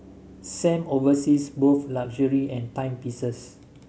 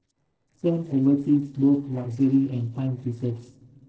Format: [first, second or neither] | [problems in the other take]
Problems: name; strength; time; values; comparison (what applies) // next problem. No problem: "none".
first | noise reduction (neural separator model SepFormer DNS4)